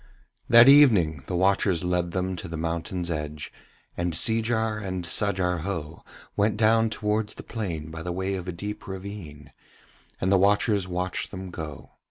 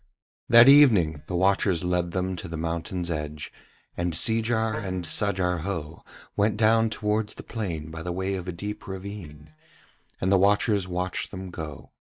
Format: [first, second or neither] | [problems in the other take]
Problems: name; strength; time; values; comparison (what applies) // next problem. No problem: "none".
first | noise reduction (neural mask model DeepFilterNet 3)